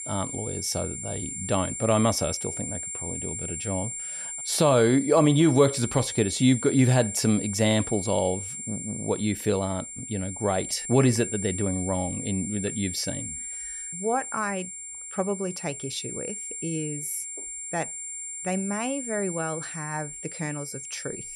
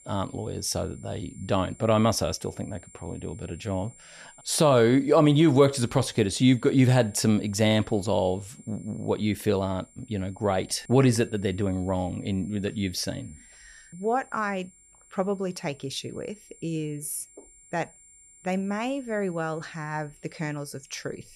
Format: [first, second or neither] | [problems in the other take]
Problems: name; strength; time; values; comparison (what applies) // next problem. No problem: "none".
second | high-pitched whine; loud; throughout; 7.5 kHz, 6 dB below the speech; faint in the second